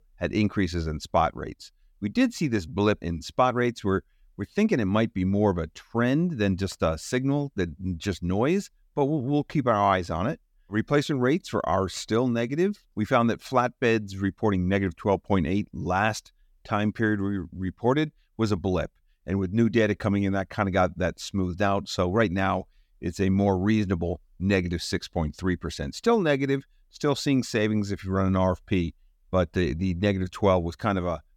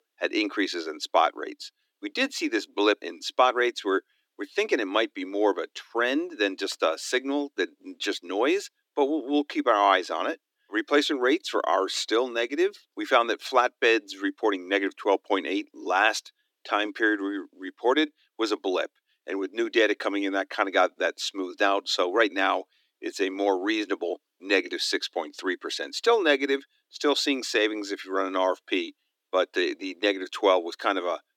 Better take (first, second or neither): first